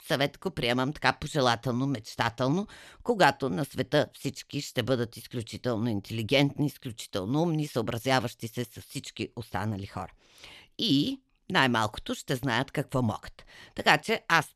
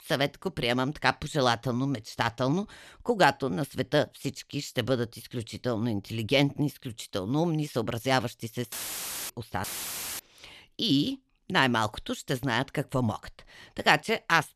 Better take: first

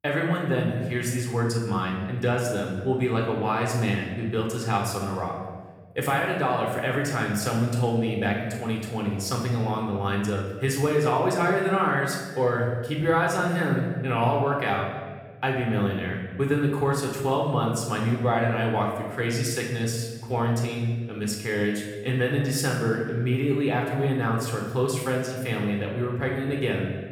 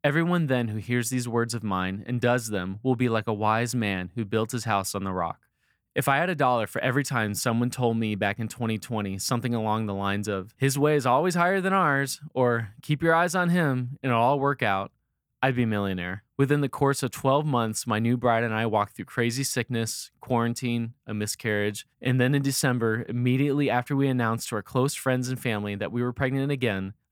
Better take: second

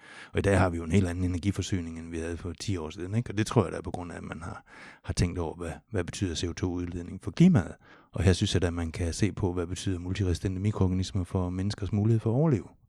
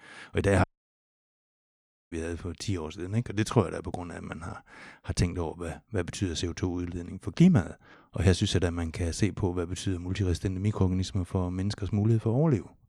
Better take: first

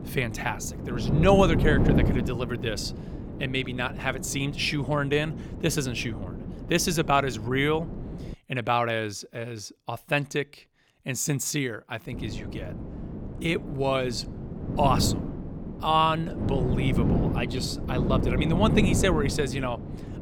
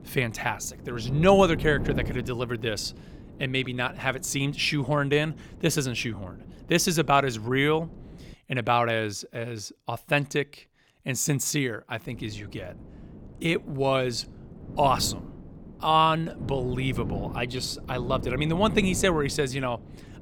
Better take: second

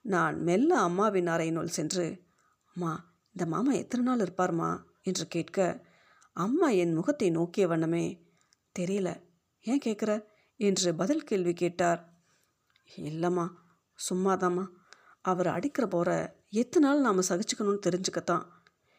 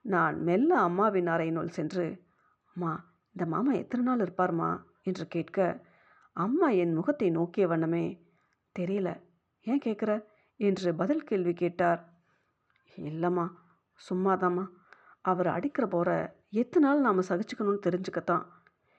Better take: first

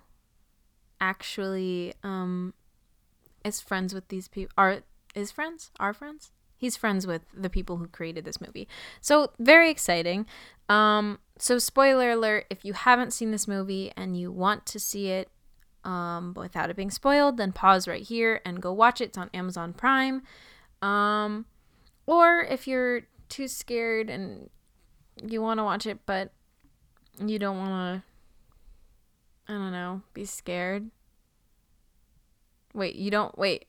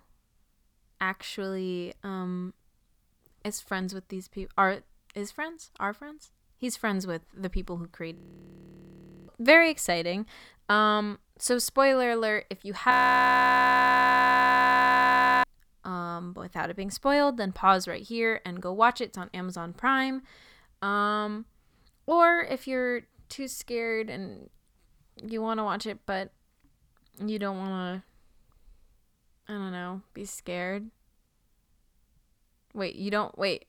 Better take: first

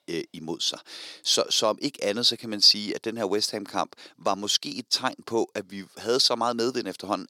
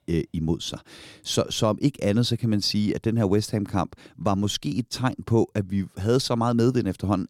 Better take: second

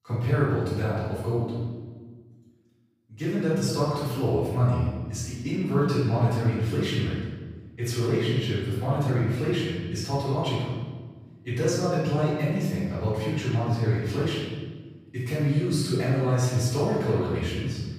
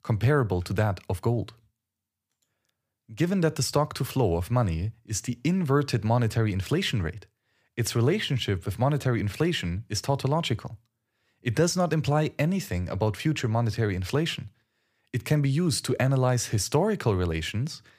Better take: second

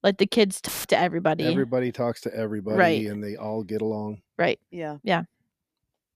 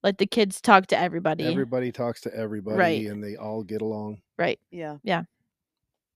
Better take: second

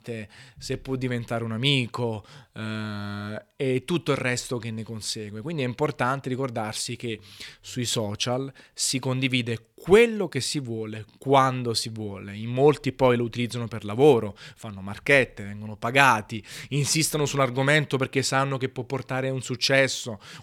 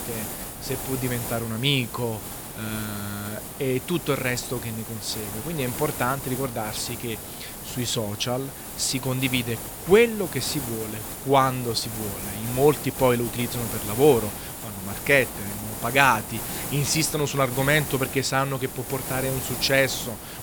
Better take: first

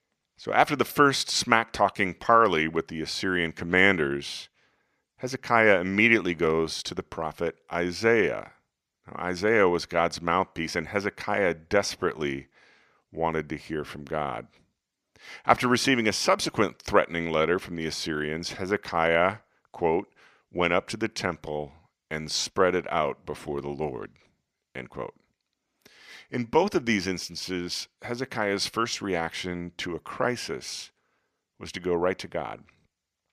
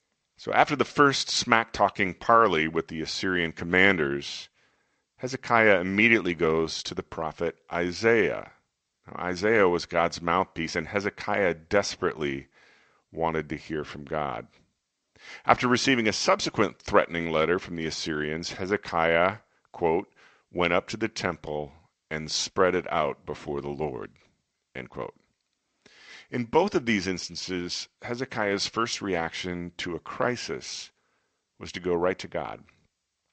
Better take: first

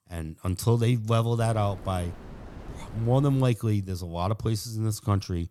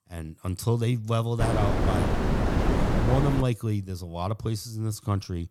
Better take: first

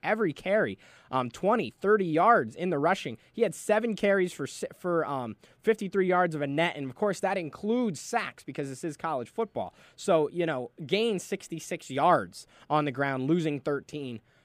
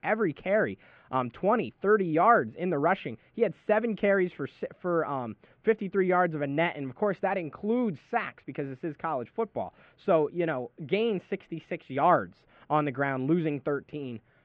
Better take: first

